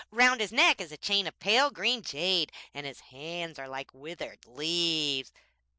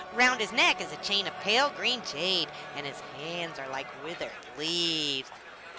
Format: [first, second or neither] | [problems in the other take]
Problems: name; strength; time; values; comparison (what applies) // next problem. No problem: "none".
first | background sound (Crowd); 12 dB below the speech